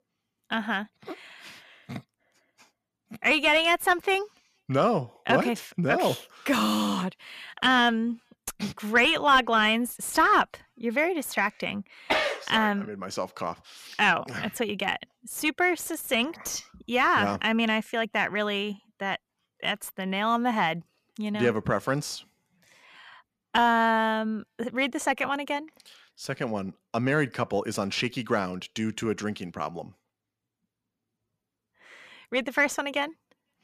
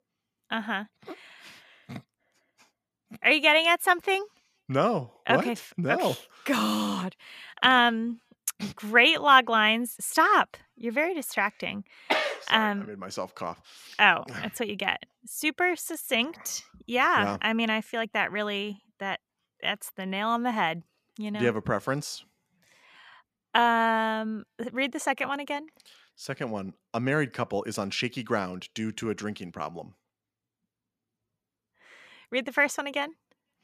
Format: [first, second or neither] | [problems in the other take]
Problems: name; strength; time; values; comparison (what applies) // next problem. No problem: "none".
second | distortion; slight; 10 dB below the speech